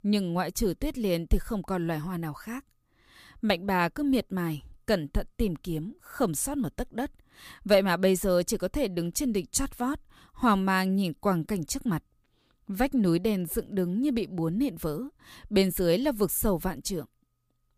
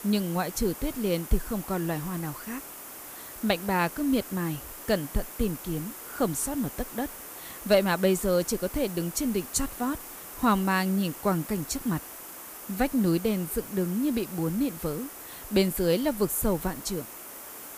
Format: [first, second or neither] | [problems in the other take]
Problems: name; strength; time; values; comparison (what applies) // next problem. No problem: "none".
first | hiss; noticeable; throughout; 10 dB below the speech